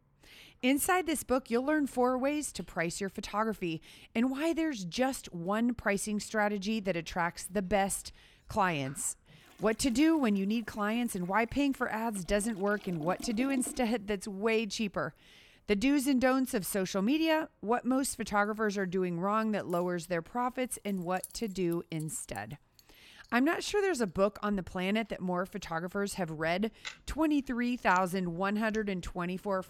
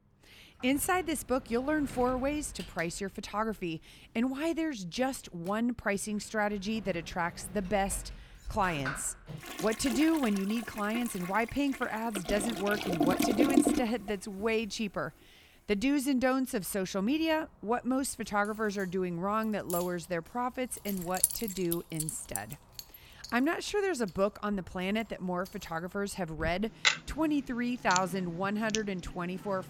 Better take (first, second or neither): first